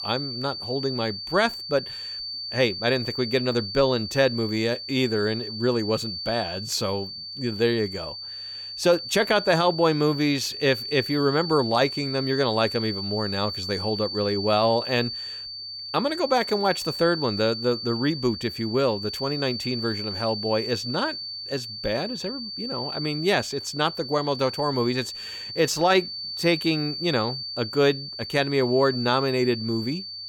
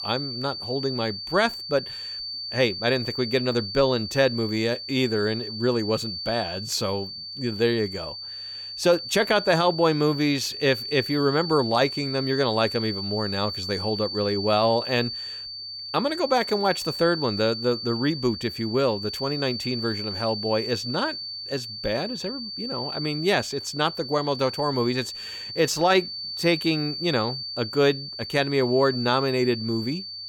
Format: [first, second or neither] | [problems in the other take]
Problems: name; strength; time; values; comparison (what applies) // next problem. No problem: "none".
neither | high-pitched whine; loud; throughout; 4.5 kHz, 6 dB below the speech; the same in both